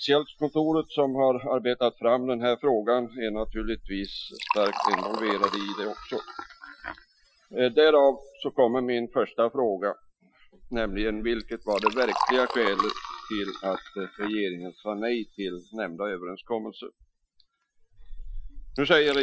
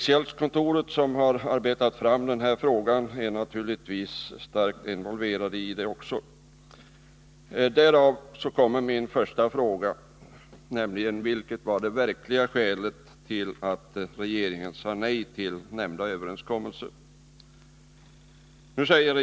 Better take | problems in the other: second | noise reduction (classical method Wiener filter)

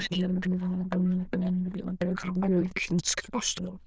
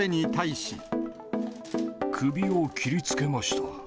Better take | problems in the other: second | noise reduction (neural diffusion model UNIVERSE++)

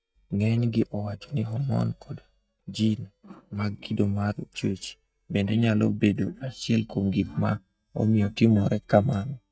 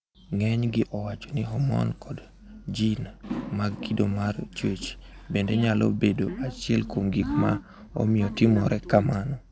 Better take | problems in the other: second | noise reduction (neural mask model DeepFilterNet 3)

